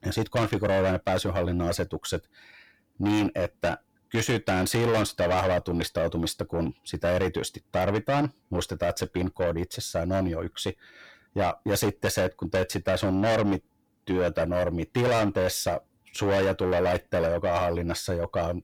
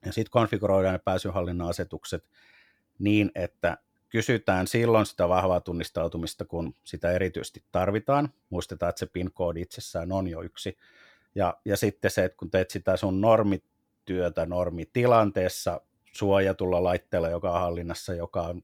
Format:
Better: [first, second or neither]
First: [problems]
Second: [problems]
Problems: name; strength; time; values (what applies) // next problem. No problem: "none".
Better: second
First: distortion; heavy; 6 dB below the speech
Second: none